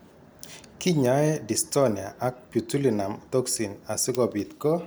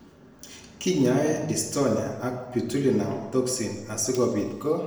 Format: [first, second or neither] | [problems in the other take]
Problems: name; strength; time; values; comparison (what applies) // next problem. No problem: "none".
first | room echo; dies away in 1 s